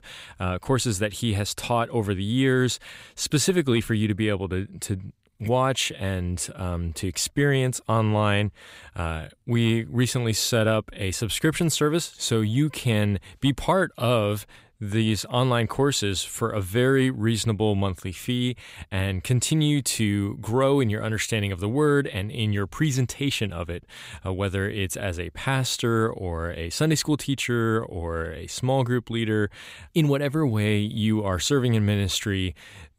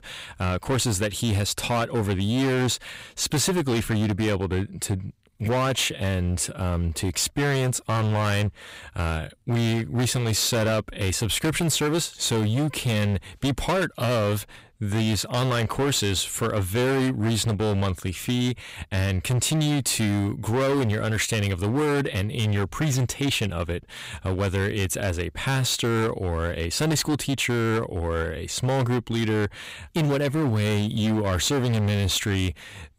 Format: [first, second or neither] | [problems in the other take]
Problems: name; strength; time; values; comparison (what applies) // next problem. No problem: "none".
first | distortion; heavy; 21% of the sound clipped